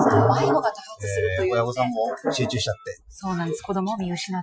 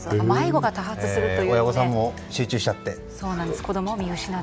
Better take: second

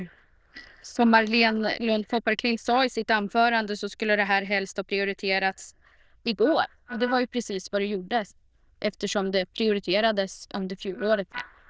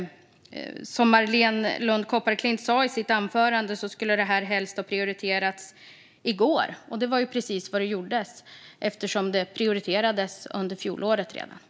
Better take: second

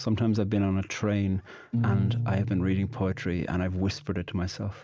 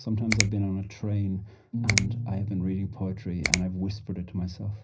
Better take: first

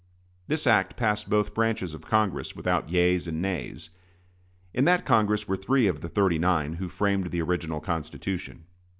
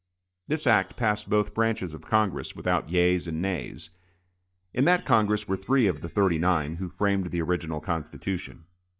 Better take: first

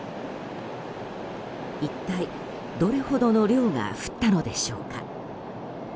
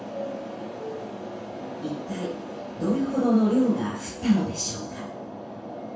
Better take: first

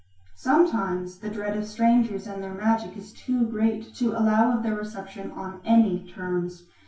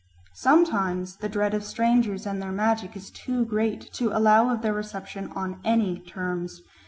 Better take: second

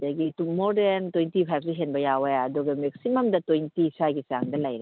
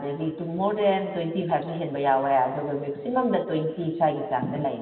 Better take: first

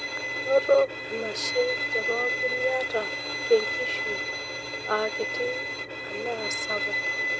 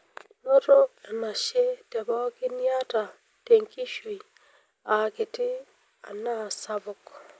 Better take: second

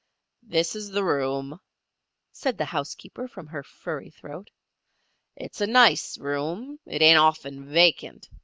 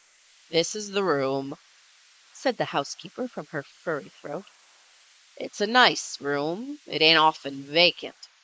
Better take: first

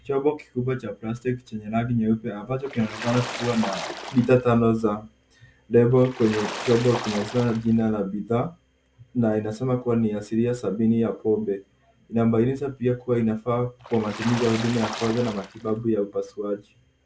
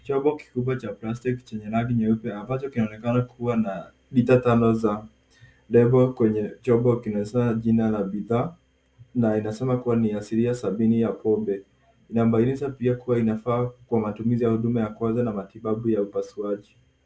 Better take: second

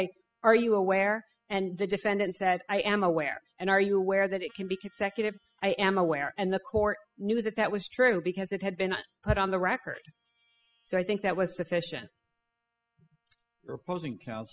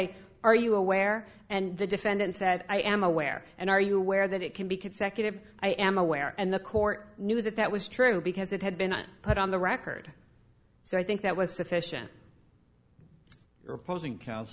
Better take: second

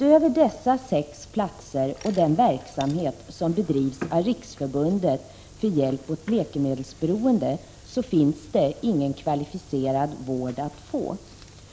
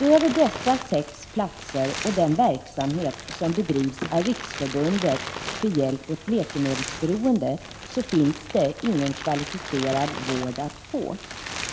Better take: first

